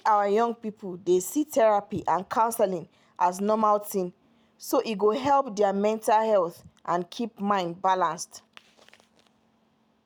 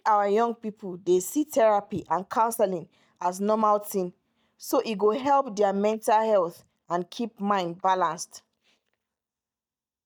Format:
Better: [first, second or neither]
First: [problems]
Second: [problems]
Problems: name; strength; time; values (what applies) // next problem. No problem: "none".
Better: first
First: none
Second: noise reduction (neural mask model DeepFilterNet 3)